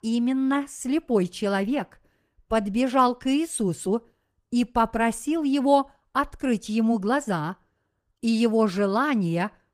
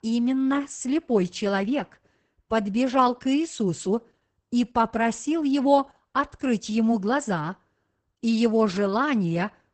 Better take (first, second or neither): first